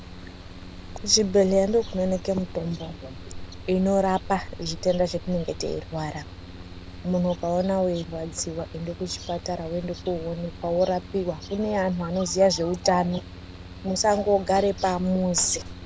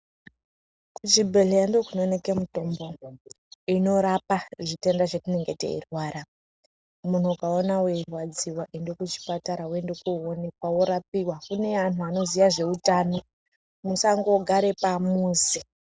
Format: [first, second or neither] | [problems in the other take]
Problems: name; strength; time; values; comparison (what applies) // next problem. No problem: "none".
second | background sound (Mechanical fan + Wind); 13 dB below the speech